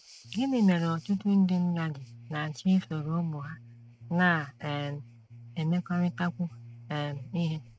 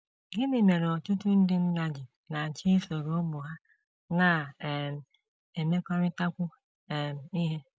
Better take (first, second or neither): second